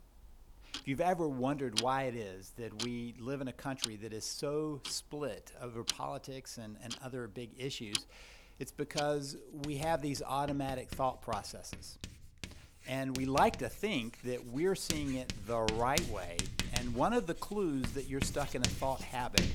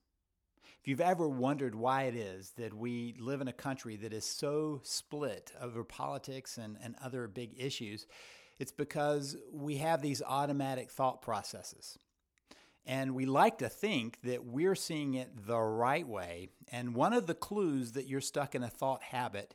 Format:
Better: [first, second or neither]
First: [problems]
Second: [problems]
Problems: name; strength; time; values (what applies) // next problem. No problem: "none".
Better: second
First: household noises; loud; throughout; 4 dB below the speech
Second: none